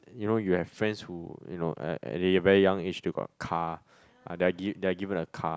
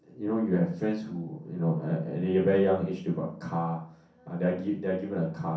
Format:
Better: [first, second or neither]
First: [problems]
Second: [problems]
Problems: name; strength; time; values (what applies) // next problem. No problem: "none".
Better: first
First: none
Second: room echo; dies away in 0.6 s